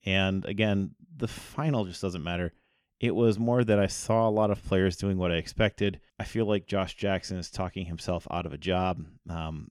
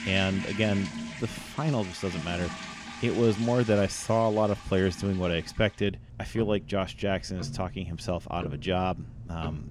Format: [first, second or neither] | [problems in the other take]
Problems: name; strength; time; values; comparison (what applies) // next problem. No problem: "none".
first | household noises; noticeable; throughout; 10 dB below the speech